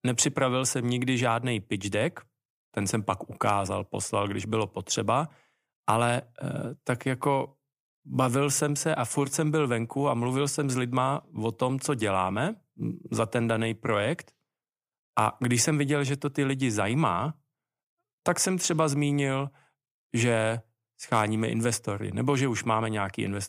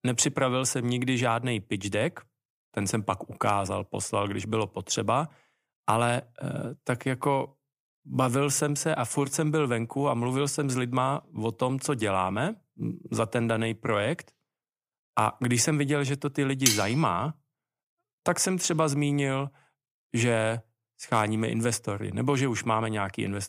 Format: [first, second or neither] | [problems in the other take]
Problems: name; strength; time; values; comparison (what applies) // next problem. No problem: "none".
first | clattering dishes; loud; at 17 s; peak 3 dB above the speech